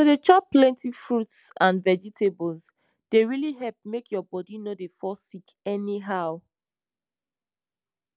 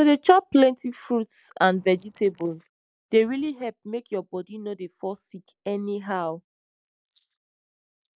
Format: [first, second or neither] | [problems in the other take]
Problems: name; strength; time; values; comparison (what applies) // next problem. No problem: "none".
first | noise reduction (neural mask model Resemble Enhance denoiser)